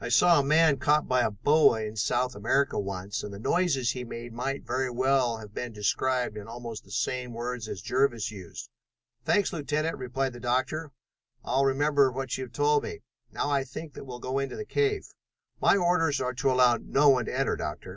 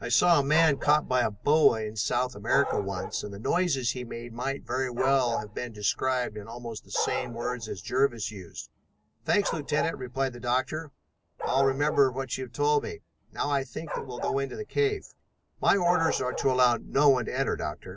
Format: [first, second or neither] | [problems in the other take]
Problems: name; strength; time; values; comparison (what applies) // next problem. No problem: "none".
first | background sound (Bark); 11 dB below the speech